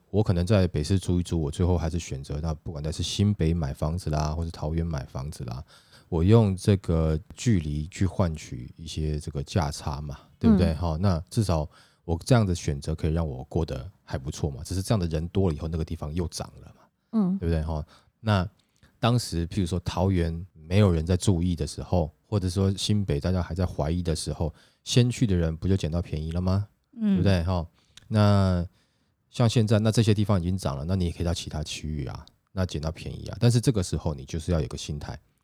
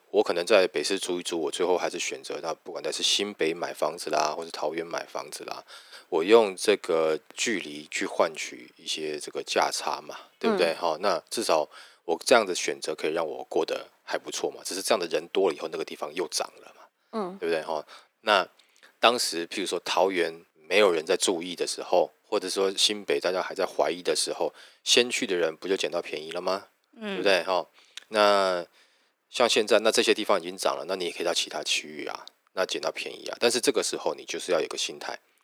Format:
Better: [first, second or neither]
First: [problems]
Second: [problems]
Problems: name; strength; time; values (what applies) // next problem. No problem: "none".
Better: first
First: none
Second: thin; very; fading below 350 Hz